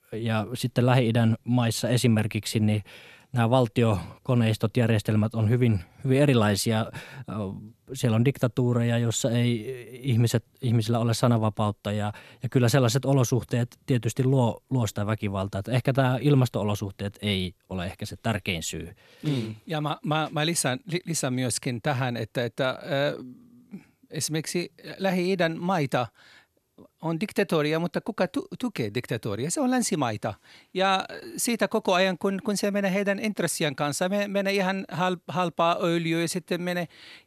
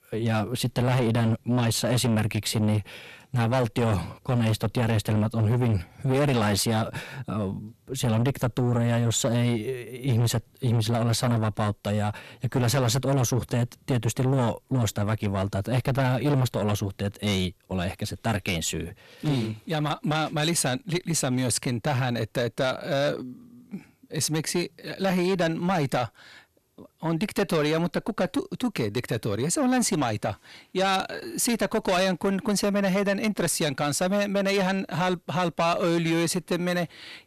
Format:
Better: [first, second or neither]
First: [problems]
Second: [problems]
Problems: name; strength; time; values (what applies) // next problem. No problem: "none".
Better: first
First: none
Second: distortion; heavy; 7 dB below the speech